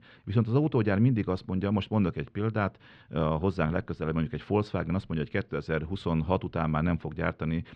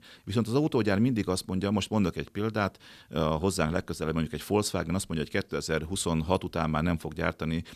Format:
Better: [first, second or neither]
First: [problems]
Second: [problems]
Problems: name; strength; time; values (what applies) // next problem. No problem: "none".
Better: second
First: muffled; very; fading above 3 kHz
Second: none